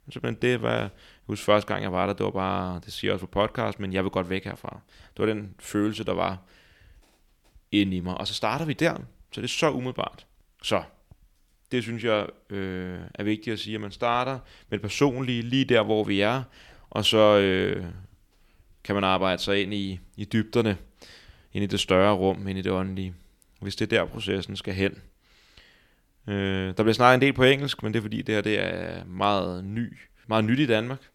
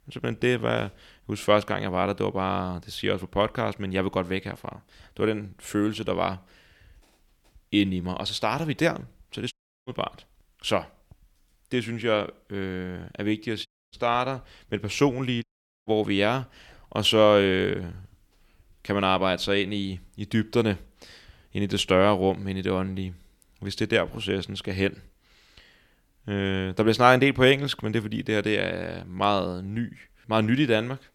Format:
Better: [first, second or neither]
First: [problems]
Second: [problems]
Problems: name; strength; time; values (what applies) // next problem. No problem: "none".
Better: first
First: none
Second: audio cutting out; at 9.5 s, at 14 s and at 15 s